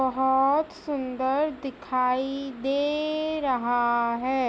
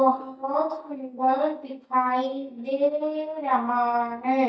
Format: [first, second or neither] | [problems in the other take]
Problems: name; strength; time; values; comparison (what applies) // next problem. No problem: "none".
first | noise reduction (neural mask model DeepFilterNet 3)